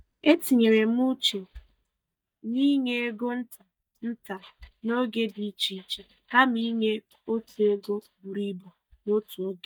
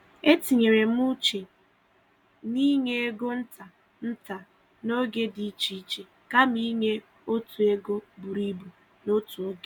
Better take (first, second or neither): second